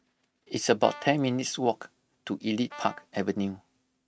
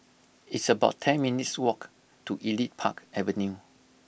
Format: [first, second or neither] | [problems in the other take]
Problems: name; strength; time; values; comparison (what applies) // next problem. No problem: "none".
second | noise reduction (neural mask model RNNoise)